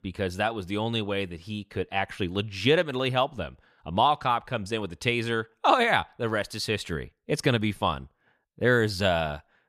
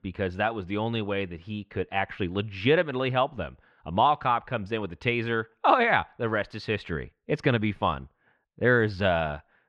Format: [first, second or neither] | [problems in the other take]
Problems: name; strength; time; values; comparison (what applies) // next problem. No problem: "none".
first | muffled; slightly; fading above 2.5 kHz